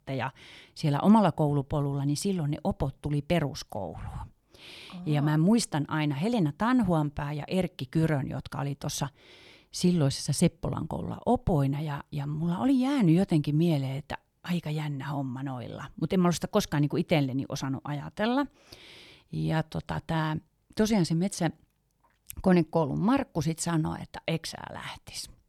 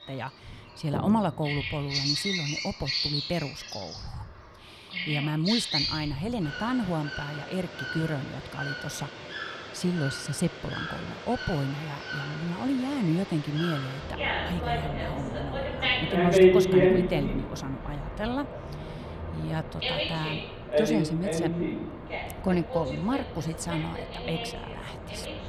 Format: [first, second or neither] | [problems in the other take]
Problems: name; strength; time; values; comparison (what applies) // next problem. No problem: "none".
first | animal sounds; very loud; throughout; 1 dB above the speech